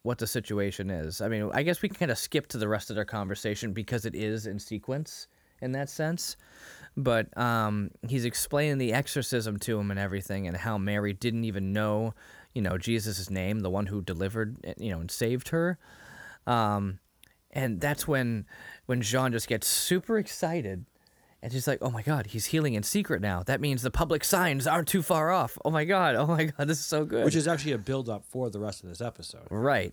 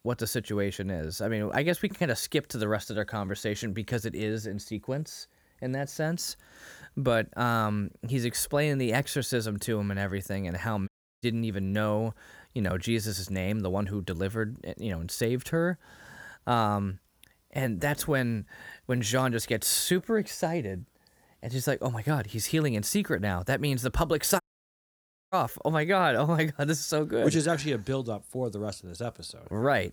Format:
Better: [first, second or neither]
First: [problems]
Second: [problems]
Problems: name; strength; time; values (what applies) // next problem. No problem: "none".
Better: first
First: none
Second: audio cutting out; at 11 s and at 24 s for 1 s